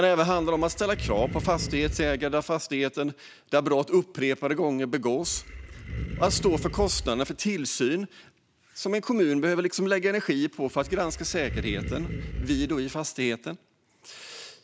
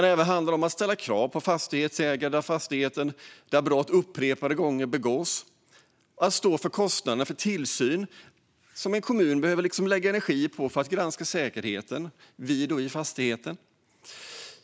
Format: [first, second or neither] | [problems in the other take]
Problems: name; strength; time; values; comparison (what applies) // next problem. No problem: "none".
second | background sound (Animal); 8 dB below the speech